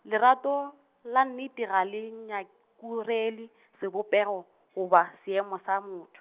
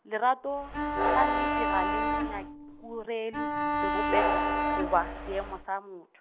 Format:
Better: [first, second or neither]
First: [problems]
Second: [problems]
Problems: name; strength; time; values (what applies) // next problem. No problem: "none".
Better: first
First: none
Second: background sound (Train + Bowed string instrument); 4 dB above the speech